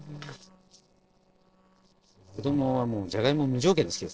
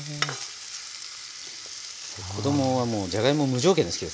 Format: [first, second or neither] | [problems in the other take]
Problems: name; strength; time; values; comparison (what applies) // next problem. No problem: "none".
second | noise reduction (neural separator model SepFormer DNS4)